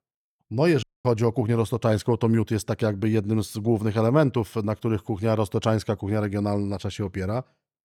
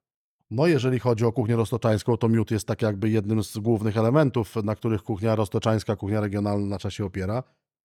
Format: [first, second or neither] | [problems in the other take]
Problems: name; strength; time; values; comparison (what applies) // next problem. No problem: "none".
second | audio cutting out; at 1 s